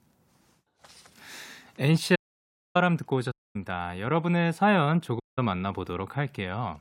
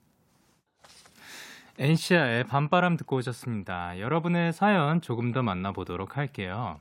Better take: second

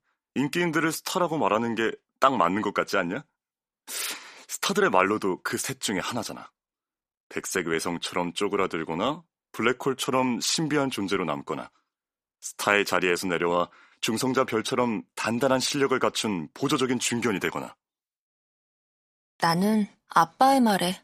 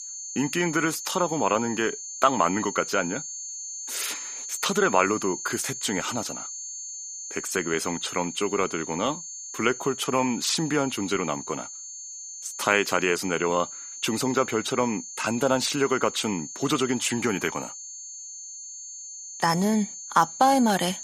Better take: first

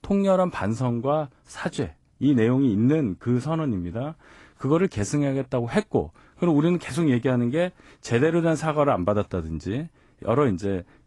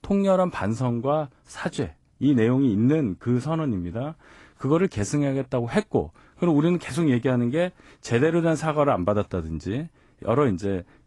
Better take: neither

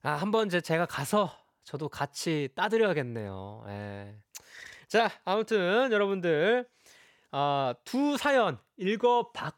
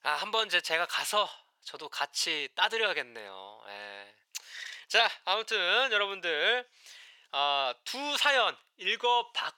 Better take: first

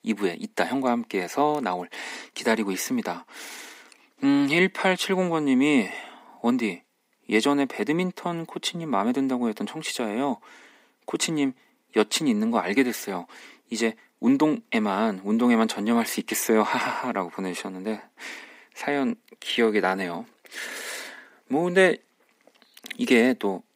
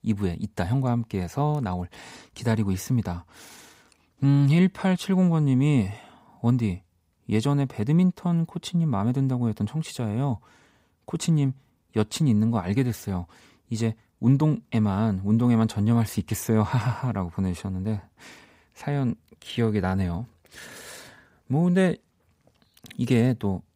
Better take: second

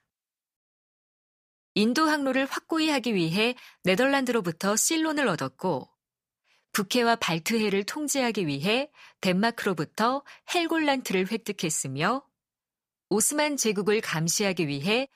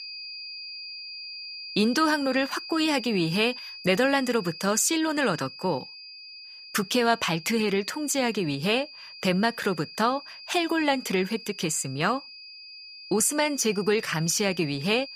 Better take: first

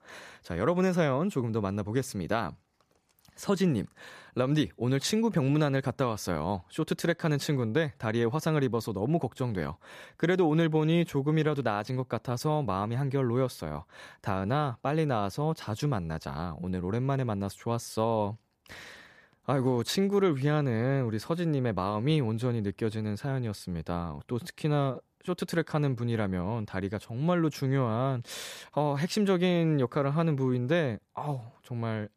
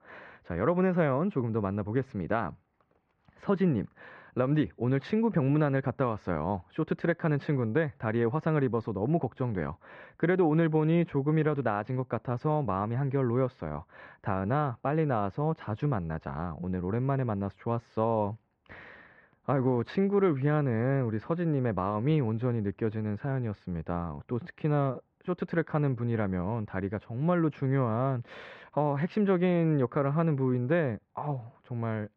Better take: first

